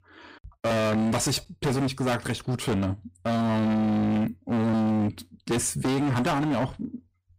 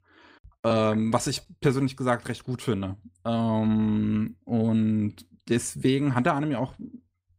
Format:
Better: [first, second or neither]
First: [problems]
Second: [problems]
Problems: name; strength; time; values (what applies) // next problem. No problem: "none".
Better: second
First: distortion; heavy; 30% of the sound clipped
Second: none